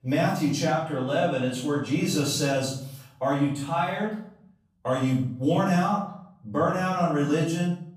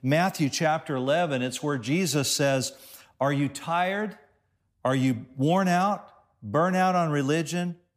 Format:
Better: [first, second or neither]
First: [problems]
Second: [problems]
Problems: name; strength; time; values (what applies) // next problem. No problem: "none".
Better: second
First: off-mic speech; far // room echo; noticeable; dies away in 0.6 s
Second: none